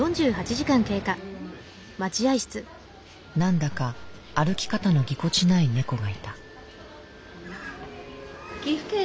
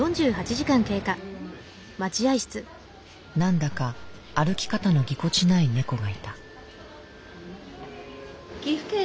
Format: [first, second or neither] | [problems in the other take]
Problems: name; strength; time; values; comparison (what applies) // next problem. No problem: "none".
second | background sound (Bird); 18 dB below the speech